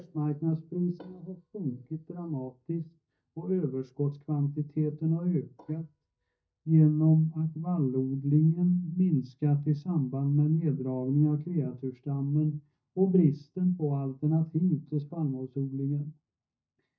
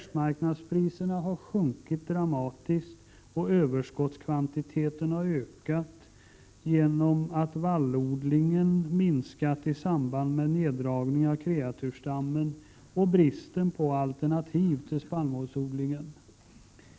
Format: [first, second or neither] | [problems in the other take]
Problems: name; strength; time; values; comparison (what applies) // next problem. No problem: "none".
second | noise reduction (neural mask model DeepFilterNet 3)